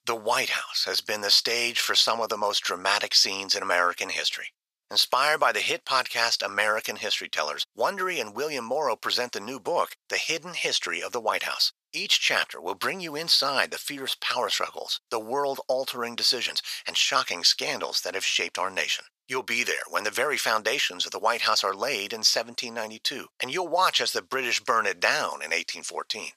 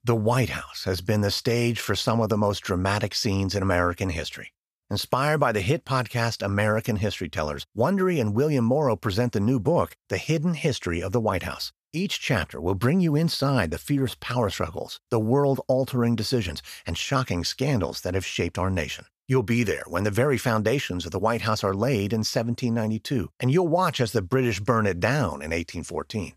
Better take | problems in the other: second | thin; very; fading below 700 Hz

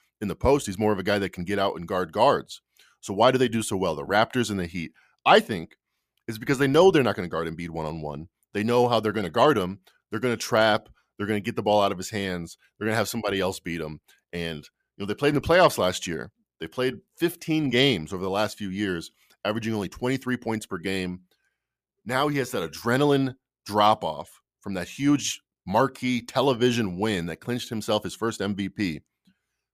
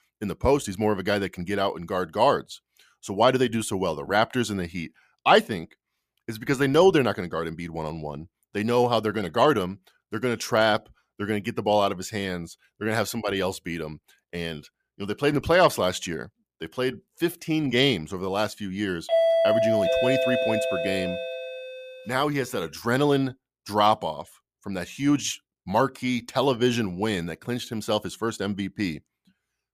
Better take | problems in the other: first | doorbell; loud; from 19 to 22 s; peak 5 dB above the speech

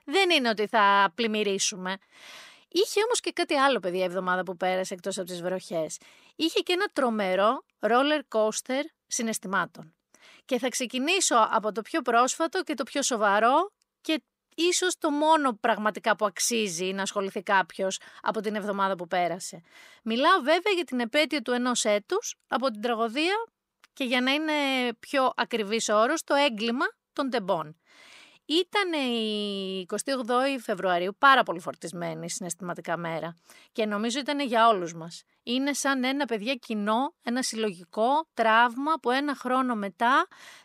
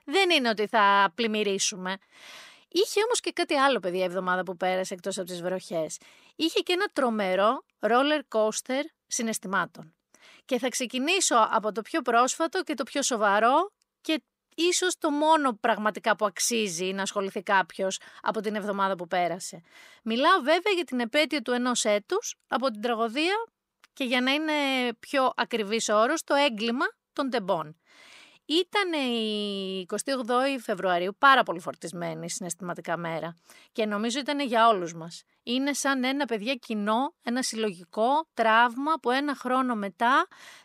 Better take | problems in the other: neither | thin; very slightly; fading below 850 Hz; the same in both

